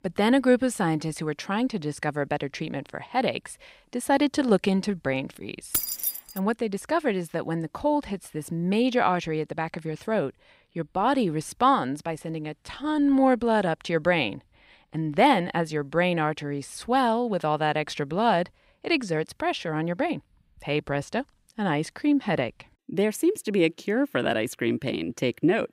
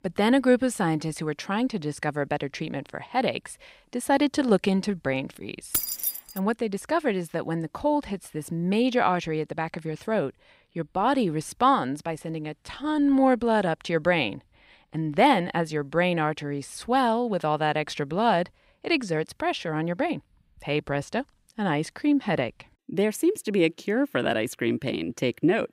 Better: neither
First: jangling keys; loud; at 5.5 s; peak 1 dB above the speech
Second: jangling keys; loud; at 5.5 s; peak 1 dB above the speech

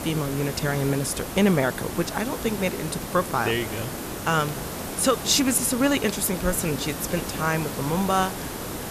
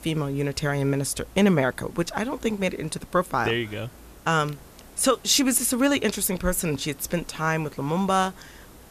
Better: second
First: hiss; loud; throughout; 7 dB below the speech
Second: hiss; faint; throughout; 25 dB below the speech

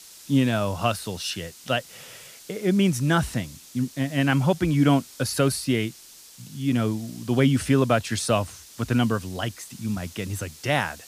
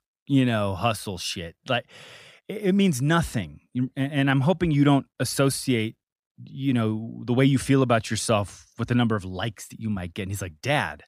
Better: second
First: hiss; noticeable; throughout; 20 dB below the speech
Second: none

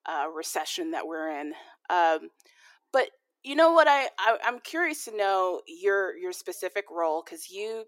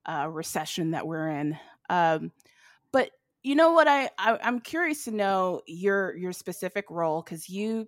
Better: second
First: thin; somewhat; fading below 350 Hz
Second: none

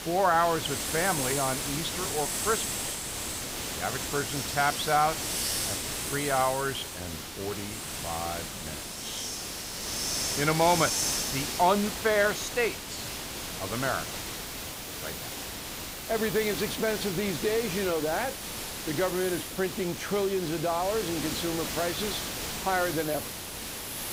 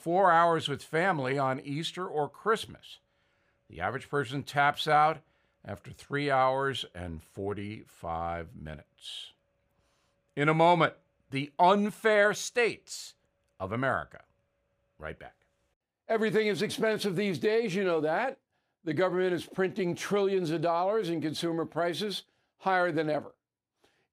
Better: second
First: hiss; loud; throughout; 3 dB below the speech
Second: none

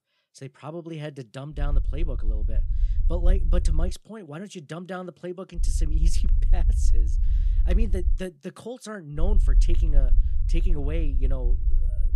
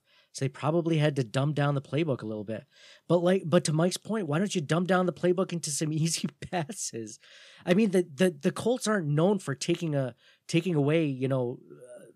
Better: second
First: low rumble; noticeable; from 1.5 to 4 s, from 5.5 to 8 s and from 9 s on; 10 dB below the speech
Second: none

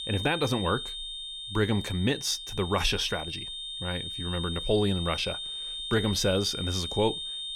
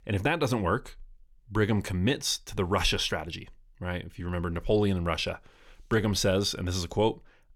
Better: second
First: high-pitched whine; loud; throughout; 3.5 kHz, 5 dB below the speech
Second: none

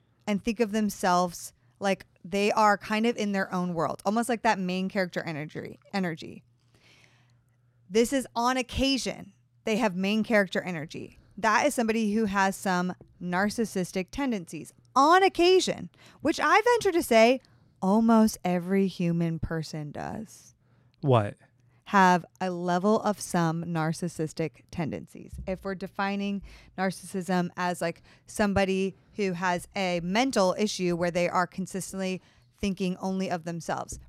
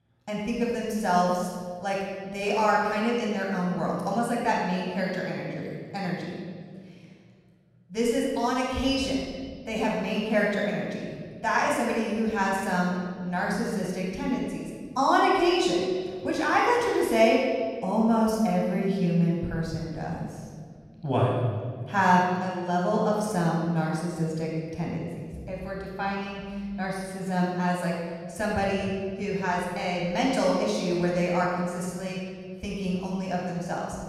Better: first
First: none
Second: off-mic speech; far // room echo; strong; dies away in 1.7 s

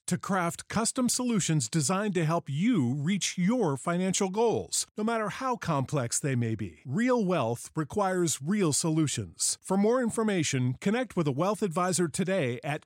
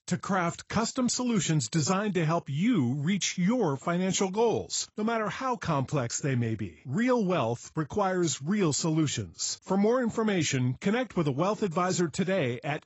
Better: first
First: none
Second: garbled, watery; badly; nothing above 8 kHz

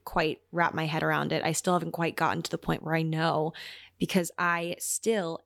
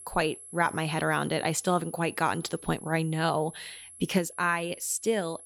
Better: first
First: none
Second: high-pitched whine; noticeable; throughout; 11 kHz, 15 dB below the speech

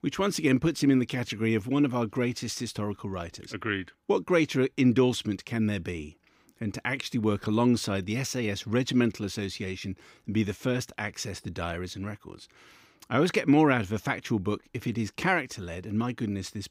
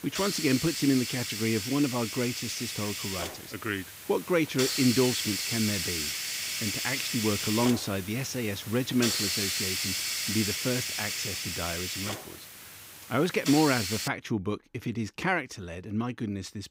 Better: first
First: none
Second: hiss; loud; until 14 s; 1 dB below the speech

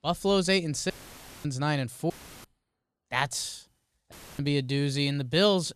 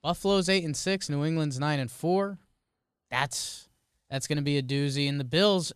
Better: second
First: audio cutting out; filled with static; at 1 s for 0.5 s, at 2 s and at 4 s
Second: none

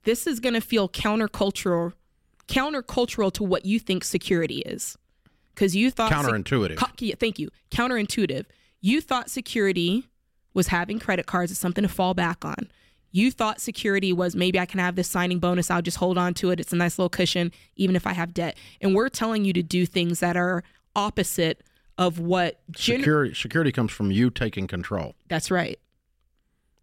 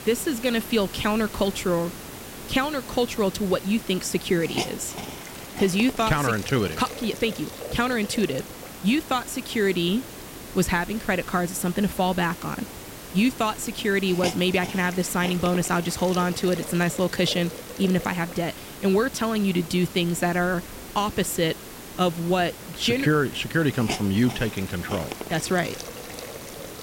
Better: first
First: none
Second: hiss; noticeable; throughout; 10 dB below the speech

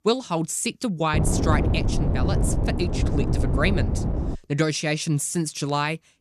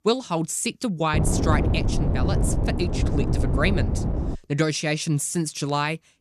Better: neither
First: wind noise on the microphone; heavy; from 1 to 4.5 s; 5 dB below the speech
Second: wind noise on the microphone; heavy; from 1 to 4.5 s; 5 dB below the speech

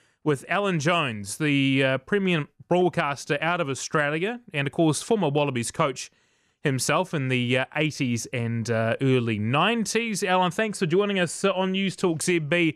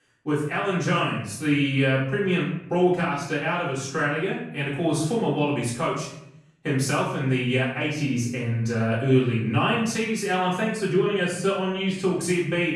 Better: first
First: none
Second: off-mic speech; far // room echo; noticeable; dies away in 0.6 s

